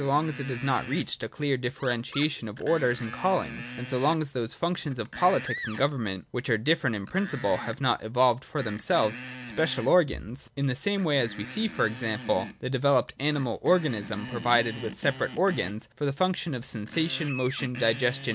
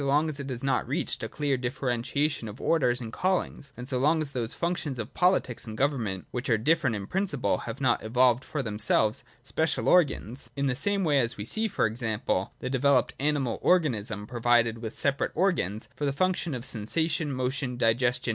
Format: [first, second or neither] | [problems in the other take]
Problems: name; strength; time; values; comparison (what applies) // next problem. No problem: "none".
second | background sound (Screech); 14 dB below the speech